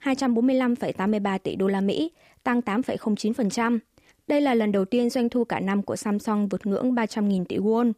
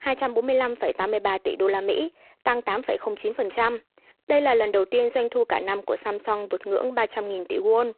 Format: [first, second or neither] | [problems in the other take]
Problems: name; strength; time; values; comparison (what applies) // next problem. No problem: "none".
first | phone-call audio; poor line